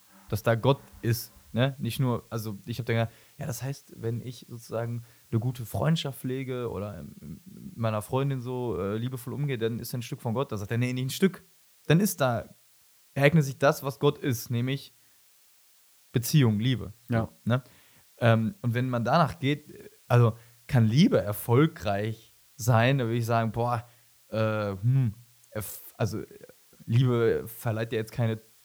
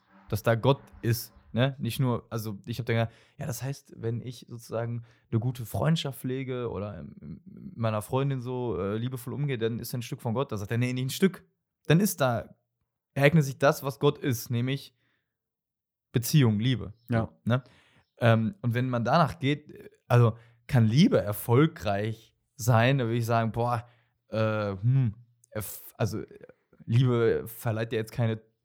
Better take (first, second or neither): second